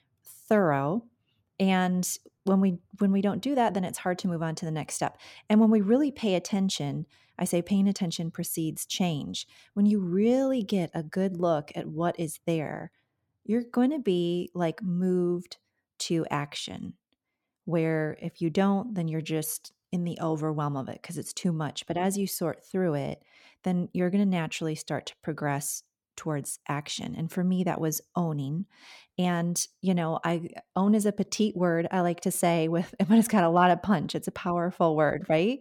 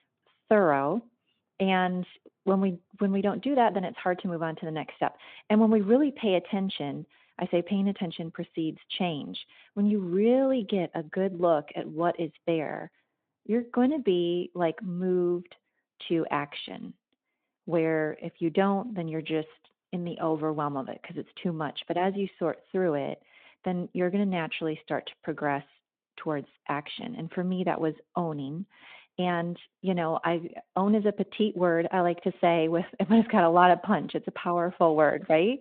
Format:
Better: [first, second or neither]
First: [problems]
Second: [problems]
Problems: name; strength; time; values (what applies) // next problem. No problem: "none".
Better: first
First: none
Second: phone-call audio; nothing above 3.5 kHz